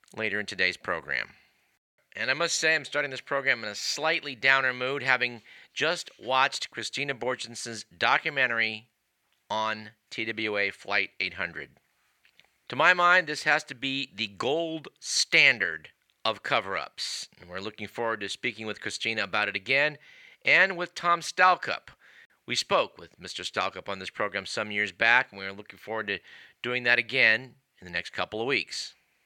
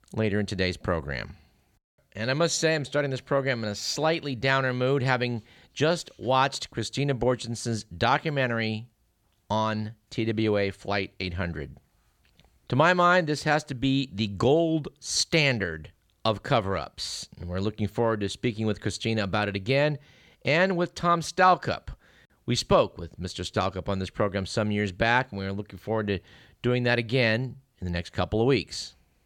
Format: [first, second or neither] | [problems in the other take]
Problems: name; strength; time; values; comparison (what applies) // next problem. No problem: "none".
second | thin; somewhat; fading below 700 Hz